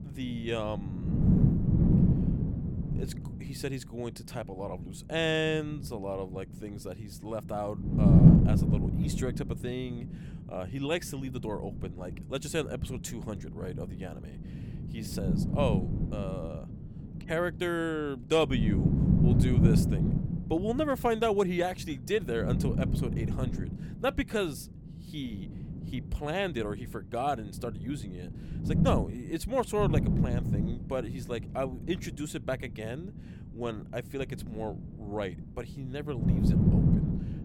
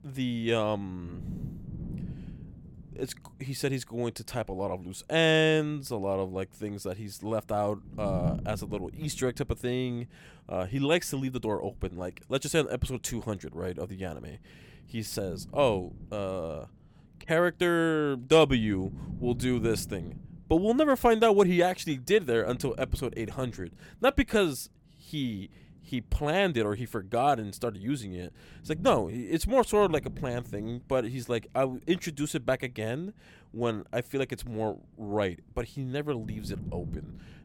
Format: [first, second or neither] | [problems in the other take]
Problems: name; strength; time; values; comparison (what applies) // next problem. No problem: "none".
second | wind noise on the microphone; heavy; 2 dB below the speech; occasional gusts in the second